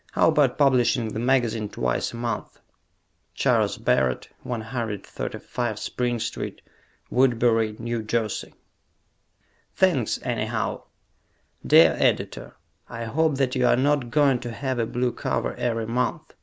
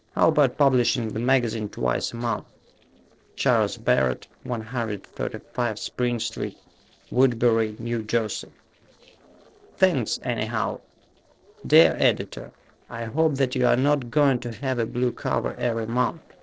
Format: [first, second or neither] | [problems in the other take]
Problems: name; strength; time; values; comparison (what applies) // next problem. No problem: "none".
first | noise reduction (neural separator model SepFormer DNS4)